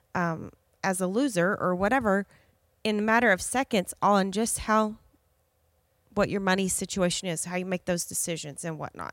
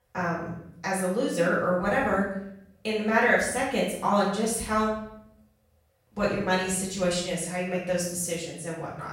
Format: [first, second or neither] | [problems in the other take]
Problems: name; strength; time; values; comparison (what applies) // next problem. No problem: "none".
first | off-mic speech; far // room echo; noticeable; dies away in 0.7 s